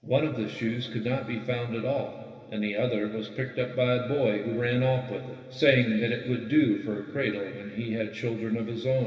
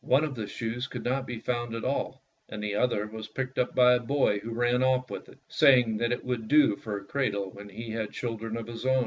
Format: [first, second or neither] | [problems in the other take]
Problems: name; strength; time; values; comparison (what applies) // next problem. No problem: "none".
second | room echo; dies away in 2.4 s